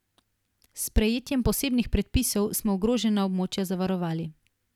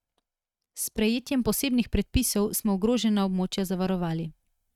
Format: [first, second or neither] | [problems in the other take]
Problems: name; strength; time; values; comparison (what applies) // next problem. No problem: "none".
first | noise reduction (neural mask model RNNoise)